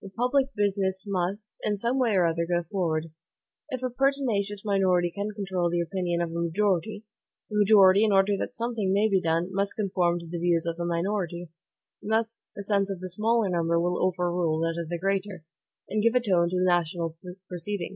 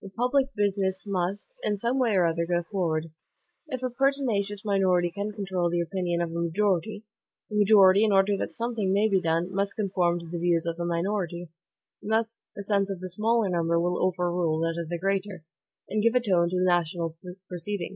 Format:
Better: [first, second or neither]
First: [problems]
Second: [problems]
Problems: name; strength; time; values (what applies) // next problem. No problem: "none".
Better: first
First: none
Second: noise reduction (neural mask model Resemble Enhance denoiser)